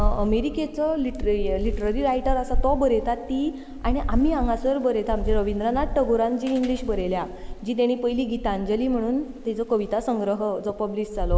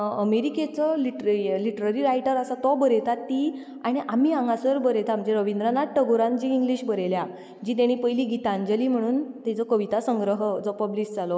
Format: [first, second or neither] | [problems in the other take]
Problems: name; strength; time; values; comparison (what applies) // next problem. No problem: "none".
second | background sound (Thunder / Rain); 4 dB below the speech